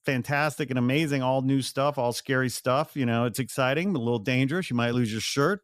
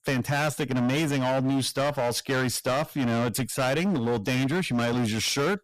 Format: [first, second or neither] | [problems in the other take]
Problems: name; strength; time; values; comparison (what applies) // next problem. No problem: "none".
first | distortion; heavy; 24% of the sound clipped